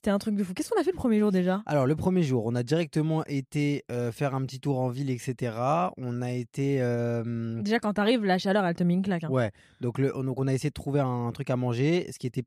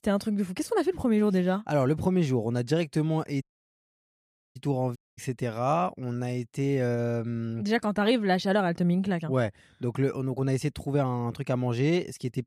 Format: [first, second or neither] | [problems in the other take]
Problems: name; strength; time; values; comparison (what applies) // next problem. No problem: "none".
first | audio cutting out; at 3.5 s for 1 s and at 5 s